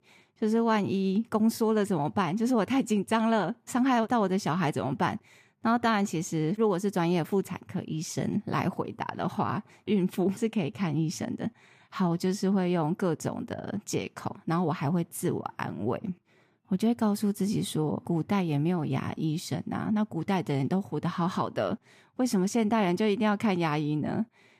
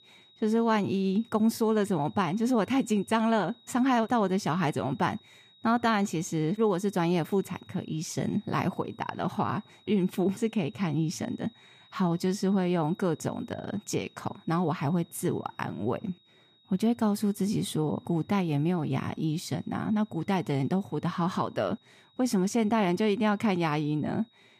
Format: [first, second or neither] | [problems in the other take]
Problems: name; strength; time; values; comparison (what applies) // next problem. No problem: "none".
first | high-pitched whine; faint; throughout; 4 kHz, 30 dB below the speech